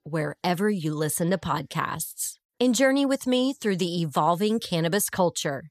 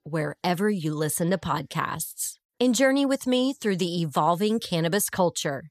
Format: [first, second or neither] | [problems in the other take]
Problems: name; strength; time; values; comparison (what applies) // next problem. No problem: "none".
neither | none